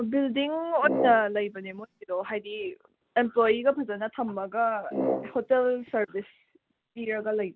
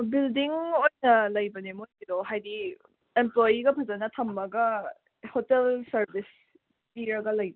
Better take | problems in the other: second | background sound (Brass instrument); 5 dB below the speech

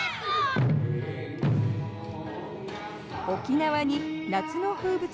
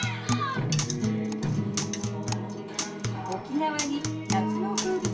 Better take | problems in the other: first | background sound (Acoustic guitar); 1 dB above the speech // room echo; dies away in 0.2 s

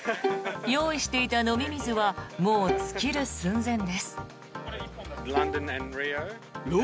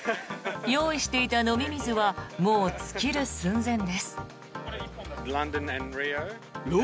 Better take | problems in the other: second | background sound (Bowed string instrument); 7 dB below the speech

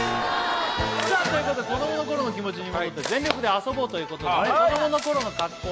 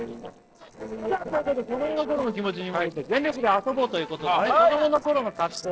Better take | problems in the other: first | noise reduction (neural separator model SepFormer DNS4)

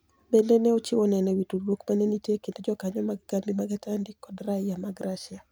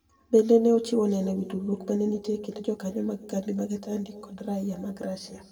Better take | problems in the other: first | room echo; dies away in 1.6 s

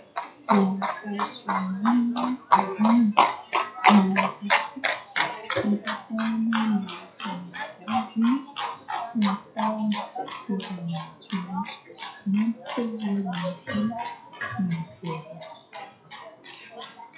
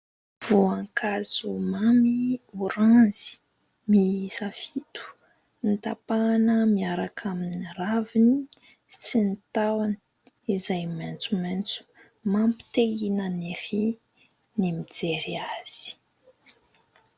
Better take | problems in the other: second | noise reduction (classical method WPE with log-MMSE)

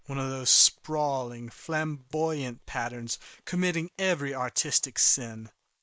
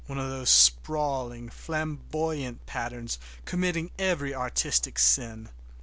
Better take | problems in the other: second | noise reduction (neural mask model Resemble Enhance denoiser)

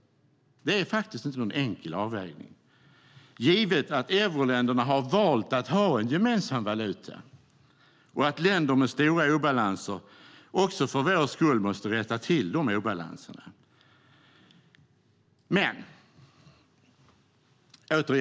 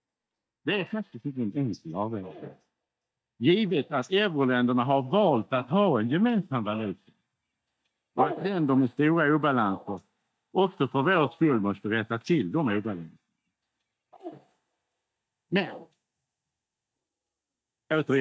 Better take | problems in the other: first | noise reduction (neural mask model DeepFilterNet 3)

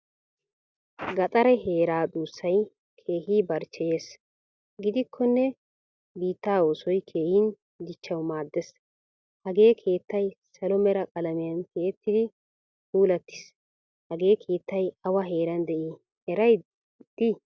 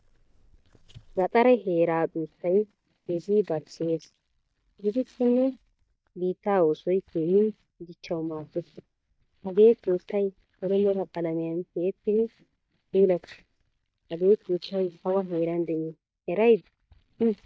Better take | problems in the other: first | noise reduction (neural mask model DeepFilterNet 3)

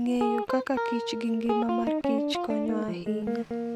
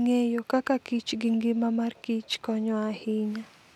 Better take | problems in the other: second | background sound (Guitar); as loud as the speech

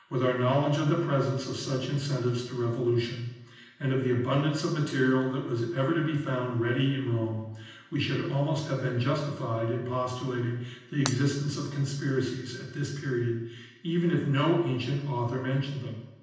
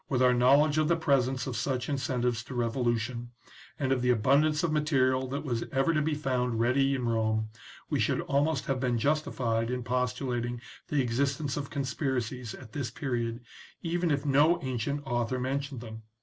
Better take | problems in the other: second | background sound (Shatter); 13 dB below the speech // room echo; dies away in 0.9 s

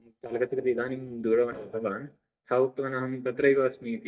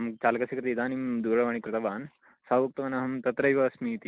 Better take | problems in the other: second | noise reduction (neural mask model DeepFilterNet 3)

